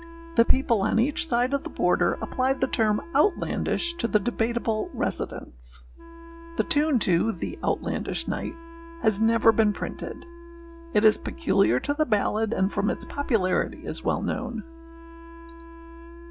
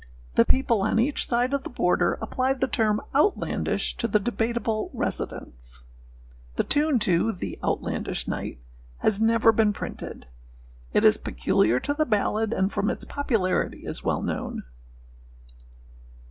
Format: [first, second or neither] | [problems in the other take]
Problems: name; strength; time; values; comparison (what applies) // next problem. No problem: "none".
second | background sound (Wind instrument, woodwind instrument); 19 dB below the speech